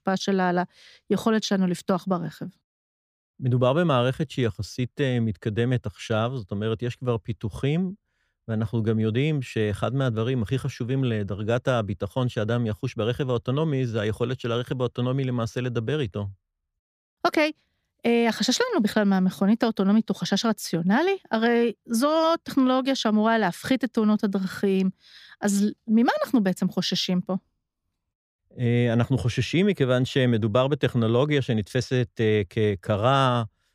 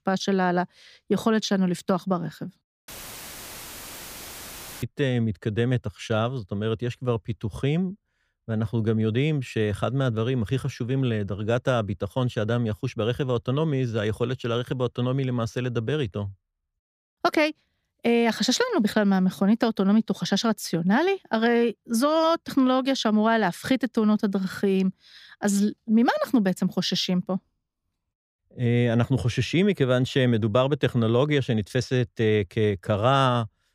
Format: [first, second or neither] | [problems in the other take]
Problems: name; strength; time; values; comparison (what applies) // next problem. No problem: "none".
first | audio cutting out; filled with static; at 3 s for 2 s